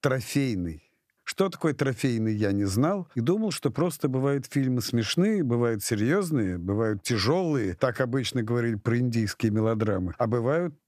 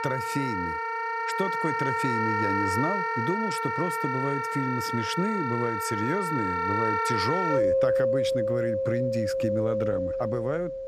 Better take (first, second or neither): first